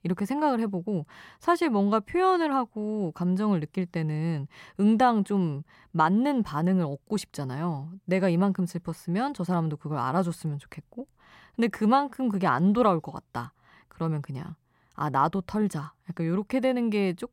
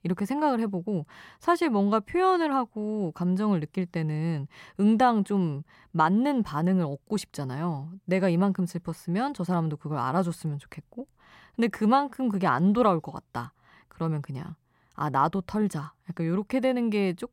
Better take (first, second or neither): neither